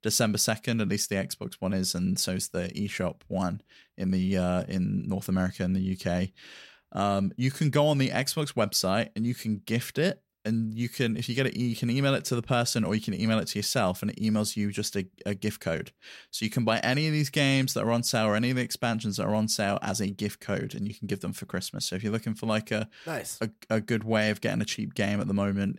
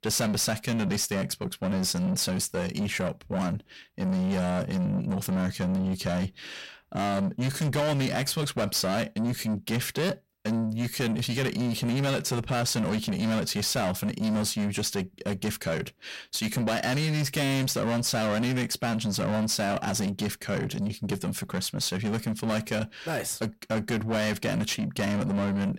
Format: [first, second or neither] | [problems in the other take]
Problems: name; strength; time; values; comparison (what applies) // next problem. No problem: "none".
first | distortion; heavy; 8 dB below the speech